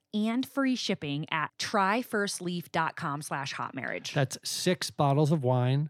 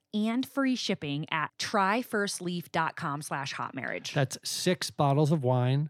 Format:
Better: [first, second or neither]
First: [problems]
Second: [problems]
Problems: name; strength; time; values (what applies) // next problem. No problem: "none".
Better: neither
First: none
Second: none